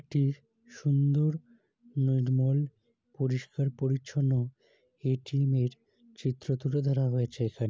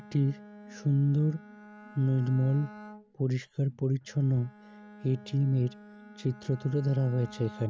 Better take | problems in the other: first | background sound (Bowed string instrument); 19 dB below the speech

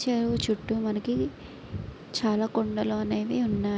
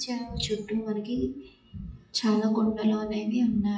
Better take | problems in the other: first | noise reduction (classical method WPE with log-MMSE)

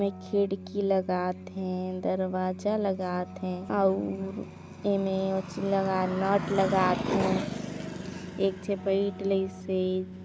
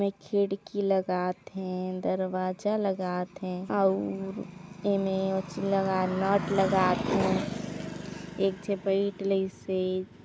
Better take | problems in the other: second | background sound (Keyboard (musical)); 16 dB below the speech

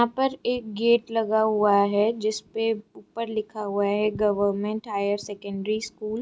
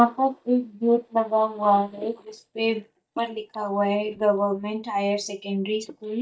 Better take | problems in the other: first | noise reduction (neural mask model DeepFilterNet 3)

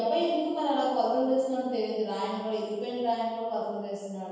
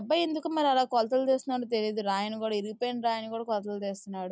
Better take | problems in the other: second | room echo; dies away in 1.2 s

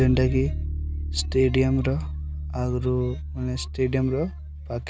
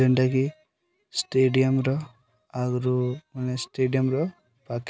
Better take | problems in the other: second | background sound (Bass guitar); 5 dB below the speech

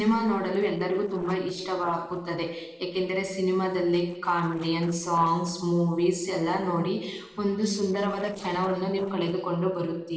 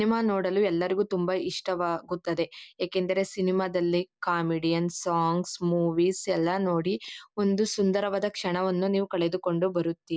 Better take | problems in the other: second | noise reduction (neural separator model SepFormer DNS4)

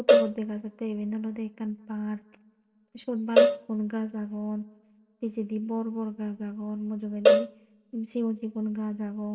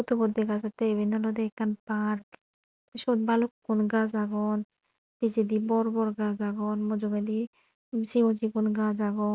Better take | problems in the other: second | background sound (Cowbell); 5 dB above the speech // room echo; dies away in 1.6 s

